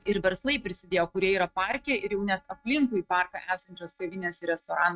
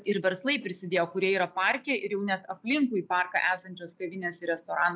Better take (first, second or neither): second